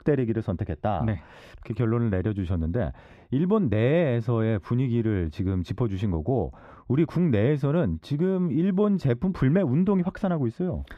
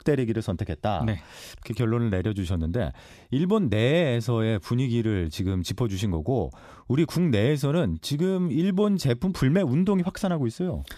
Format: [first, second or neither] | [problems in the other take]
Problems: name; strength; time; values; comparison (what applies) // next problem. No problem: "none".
second | muffled; very; fading above 3.5 kHz